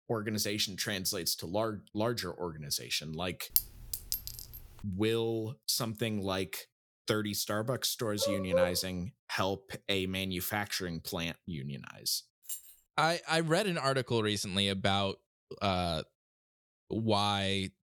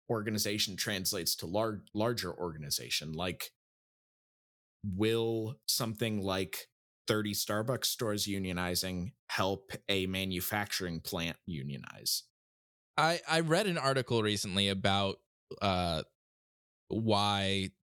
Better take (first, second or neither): second